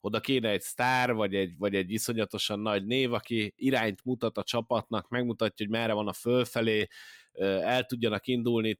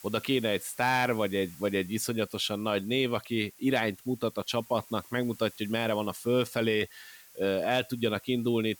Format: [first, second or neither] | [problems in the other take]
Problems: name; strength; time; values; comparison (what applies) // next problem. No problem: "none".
first | hiss; faint; throughout; 20 dB below the speech